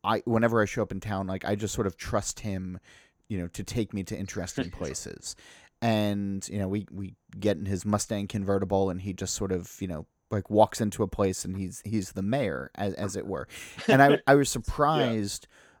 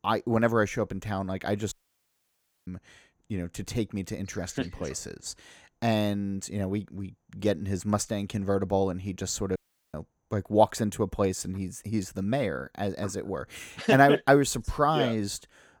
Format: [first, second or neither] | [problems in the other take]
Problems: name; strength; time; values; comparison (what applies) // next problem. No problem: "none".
first | audio cutting out; at 1.5 s for 1 s and at 9.5 s